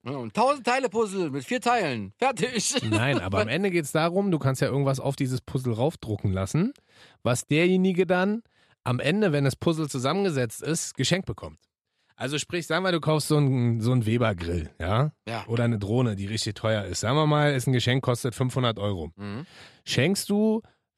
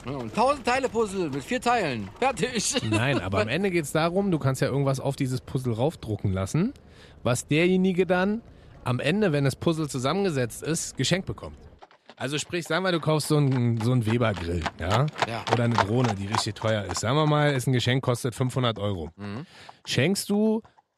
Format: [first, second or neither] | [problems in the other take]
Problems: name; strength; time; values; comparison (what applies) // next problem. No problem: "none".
first | animal sounds; loud; throughout; 9 dB below the speech